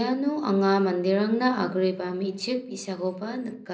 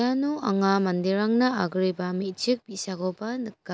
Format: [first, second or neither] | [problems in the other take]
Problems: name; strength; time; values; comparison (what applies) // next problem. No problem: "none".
second | room echo; dies away in 0.5 s